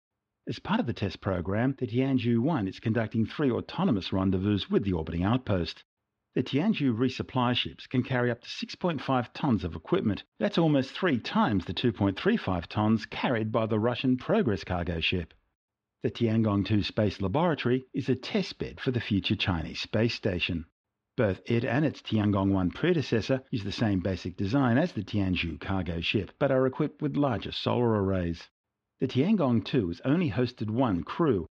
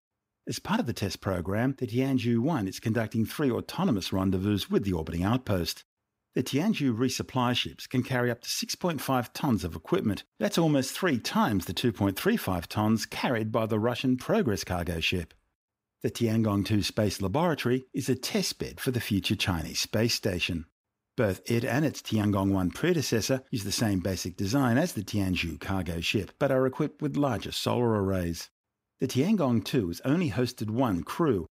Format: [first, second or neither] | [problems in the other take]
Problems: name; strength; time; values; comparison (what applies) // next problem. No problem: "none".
second | muffled; slightly; fading above 4 kHz